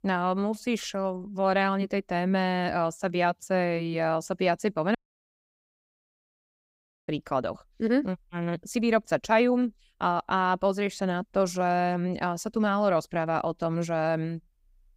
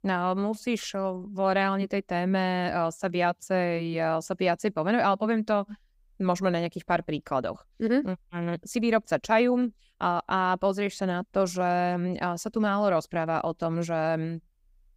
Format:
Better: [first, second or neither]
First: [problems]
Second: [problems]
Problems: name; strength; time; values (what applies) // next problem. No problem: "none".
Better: second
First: audio cutting out; at 5 s for 2 s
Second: none